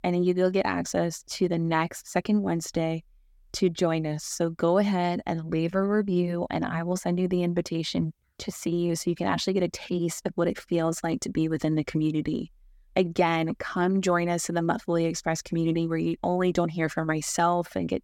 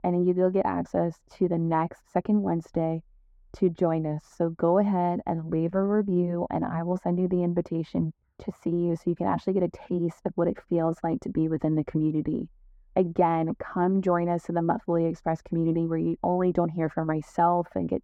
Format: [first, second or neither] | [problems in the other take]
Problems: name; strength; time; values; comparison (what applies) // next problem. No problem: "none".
first | muffled; very; fading above 2 kHz